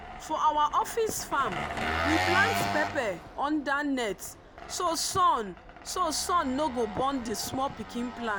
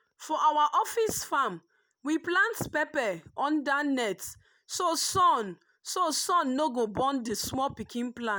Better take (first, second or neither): second